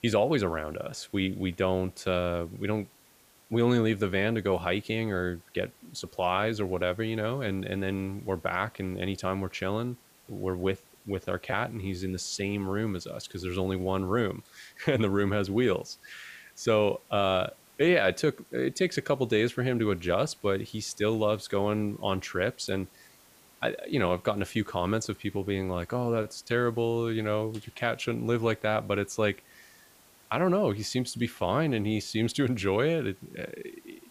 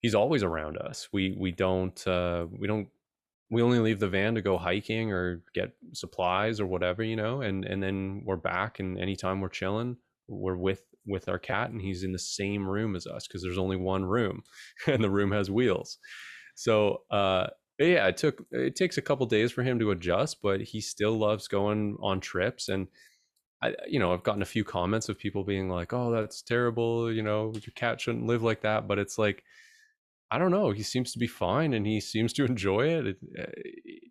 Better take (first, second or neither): second